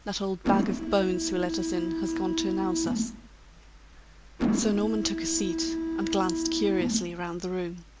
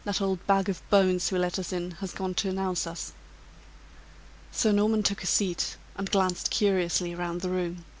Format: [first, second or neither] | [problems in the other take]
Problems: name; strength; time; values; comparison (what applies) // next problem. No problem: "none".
second | background sound (Mechanisms); as loud as the speech